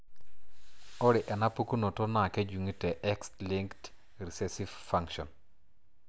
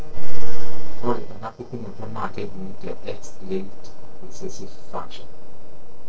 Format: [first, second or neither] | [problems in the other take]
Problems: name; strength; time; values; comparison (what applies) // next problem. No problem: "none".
first | noise reduction (neural separator model SepFormer DNS4)